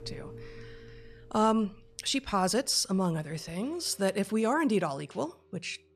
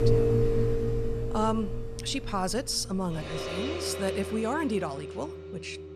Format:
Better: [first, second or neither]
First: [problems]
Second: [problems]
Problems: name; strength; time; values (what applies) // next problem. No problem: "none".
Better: first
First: background music; faint; throughout; 25 dB below the speech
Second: background music; loud; throughout; as loud as the speech